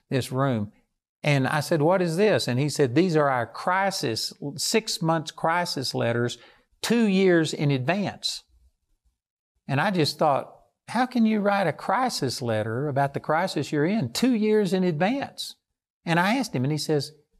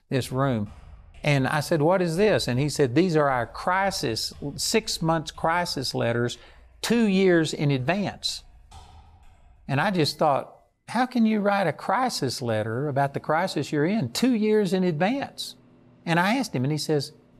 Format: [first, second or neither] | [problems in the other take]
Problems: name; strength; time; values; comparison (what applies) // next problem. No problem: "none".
first | household noises; faint; throughout; 30 dB below the speech